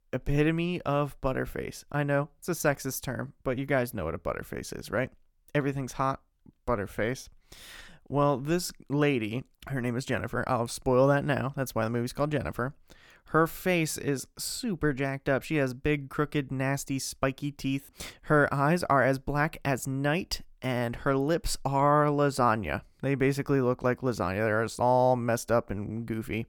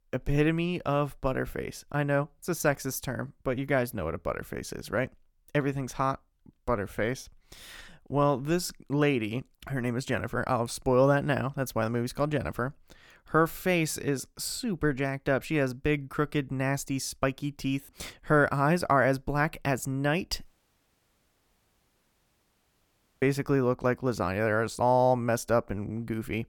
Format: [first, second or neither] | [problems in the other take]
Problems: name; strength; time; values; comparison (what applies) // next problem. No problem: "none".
first | audio cutting out; at 20 s for 3 s